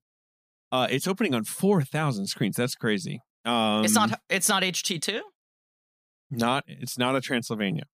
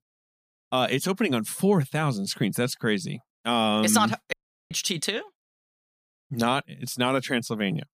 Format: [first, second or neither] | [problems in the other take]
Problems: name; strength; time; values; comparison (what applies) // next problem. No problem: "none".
first | audio cutting out; at 4.5 s